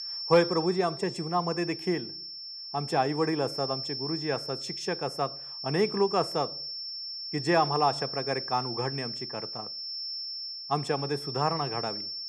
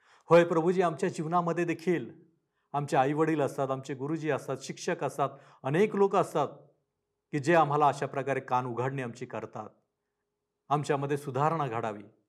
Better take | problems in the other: second | high-pitched whine; loud; throughout; 5.5 kHz, 5 dB below the speech

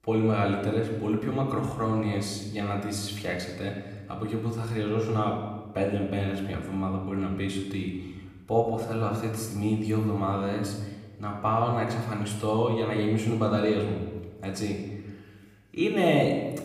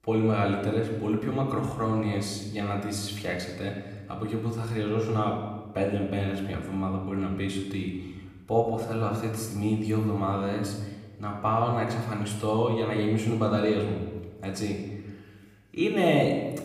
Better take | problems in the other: neither | off-mic speech; far; the same in both // room echo; noticeable; dies away in 1 s; the same in both

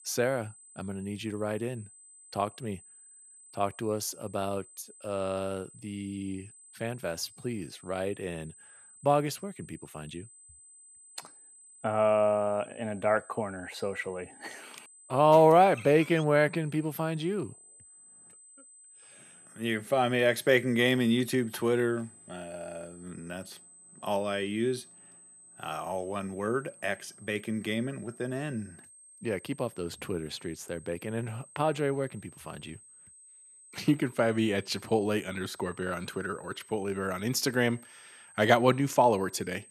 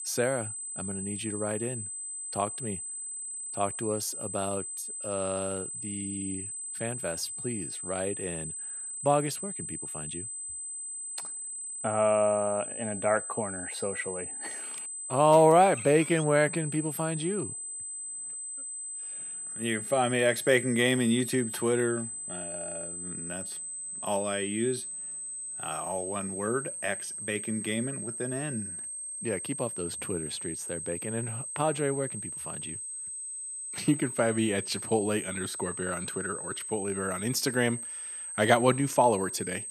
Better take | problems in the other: first | high-pitched whine; loud; throughout; 8 kHz, 6 dB below the speech; faint in the first

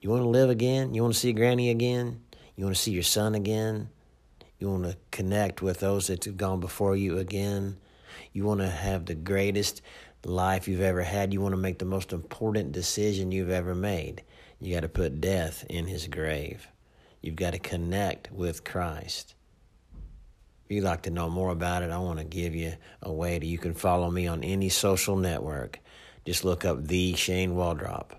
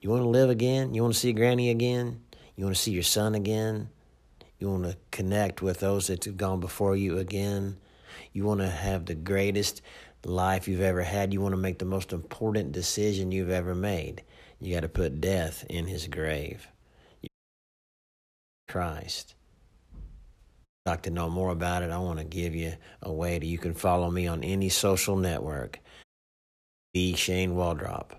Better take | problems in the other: first | audio cutting out; at 17 s for 1.5 s, at 21 s and at 26 s for 1 s

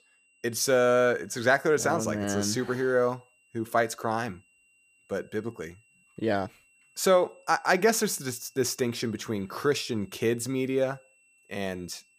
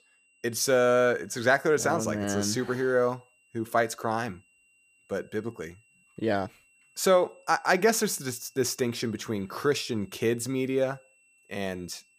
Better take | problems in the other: neither | high-pitched whine; faint; throughout; 2.5 kHz, 35 dB below the speech; the same in both

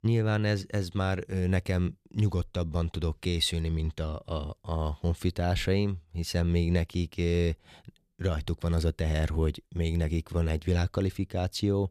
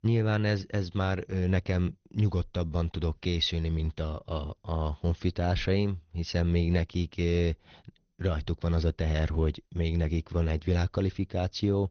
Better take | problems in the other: first | garbled, watery; slightly; nothing above 6.5 kHz

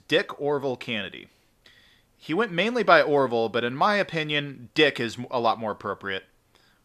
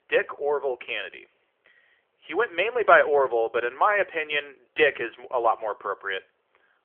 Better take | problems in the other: first | phone-call audio; nothing above 3.5 kHz

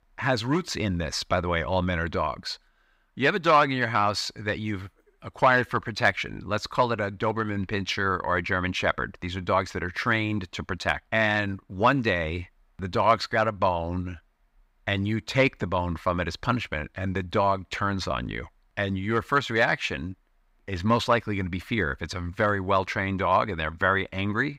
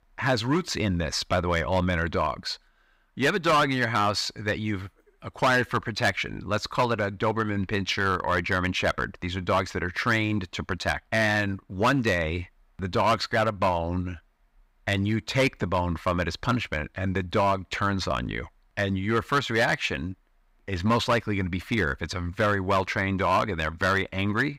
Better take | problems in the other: first | distortion; slight; 4% of the sound clipped

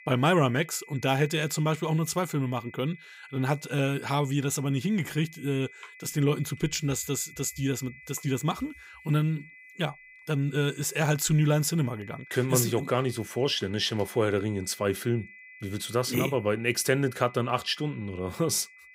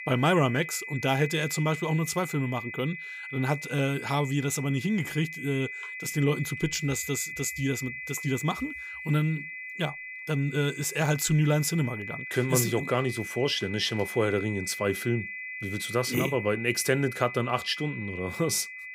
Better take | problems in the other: first | high-pitched whine; loud; throughout; 2 kHz, 8 dB below the speech; faint in the first

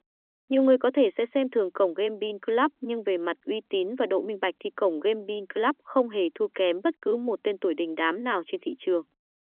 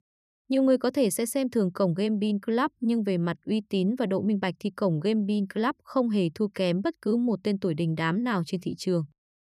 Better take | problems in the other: second | phone-call audio; nothing above 3.5 kHz

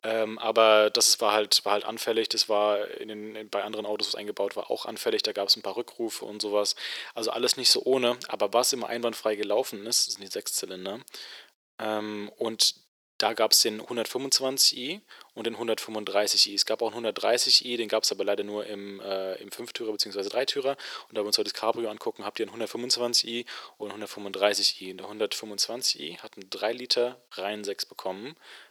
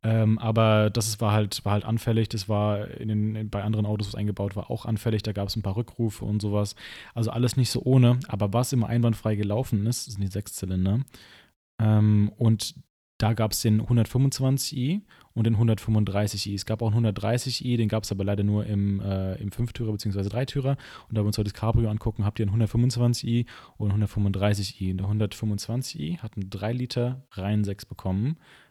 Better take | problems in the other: second | thin; very; fading below 400 Hz

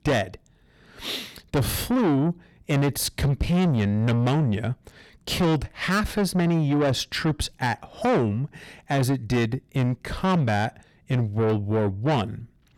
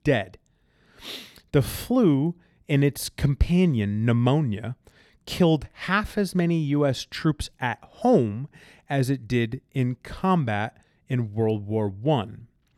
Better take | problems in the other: second | distortion; heavy; 7 dB below the speech

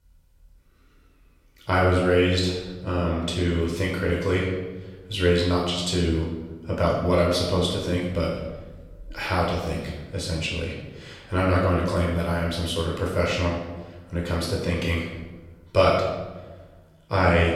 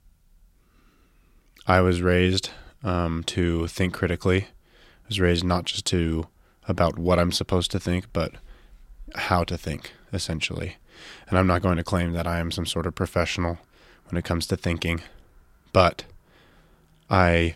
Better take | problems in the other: second | off-mic speech; far // room echo; noticeable; dies away in 1 s

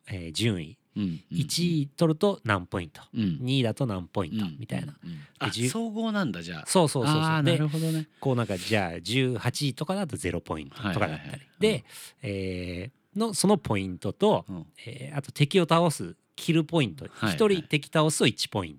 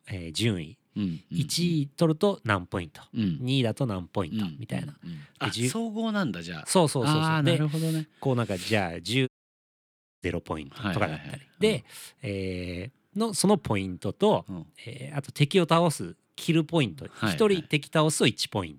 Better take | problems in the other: first | audio cutting out; at 9.5 s for 1 s

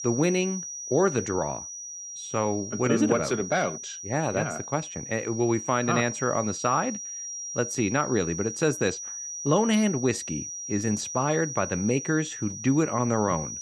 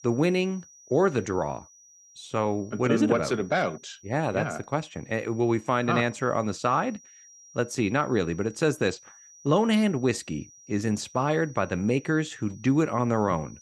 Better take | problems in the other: second | high-pitched whine; loud; throughout; 5.5 kHz, 8 dB below the speech; faint in the second

